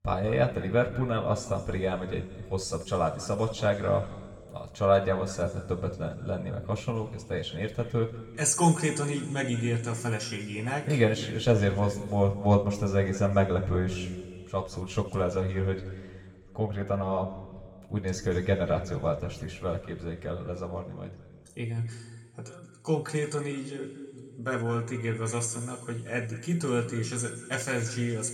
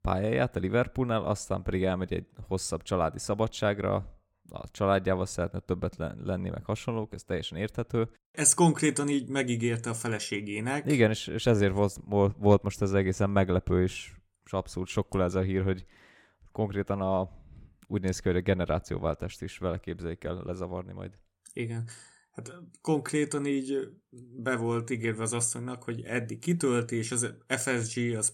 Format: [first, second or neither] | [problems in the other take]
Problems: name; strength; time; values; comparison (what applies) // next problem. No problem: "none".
second | room echo; noticeable; dies away in 1.9 s // off-mic speech; somewhat distant